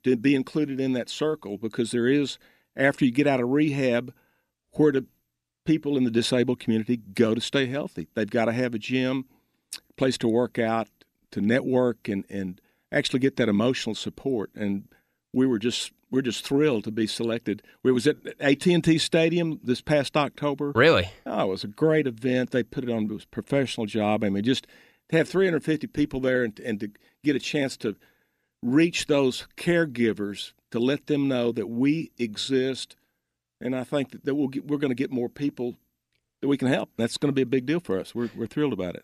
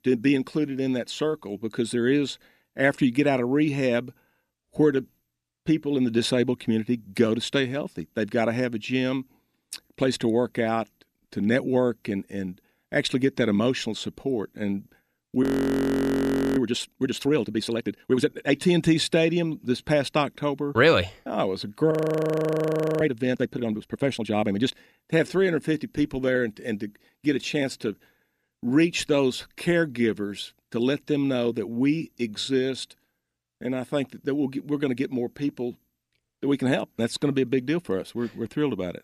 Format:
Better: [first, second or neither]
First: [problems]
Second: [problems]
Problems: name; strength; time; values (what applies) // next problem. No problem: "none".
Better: first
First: none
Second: audio freezing; at 15 s for 1 s and at 22 s for 1 s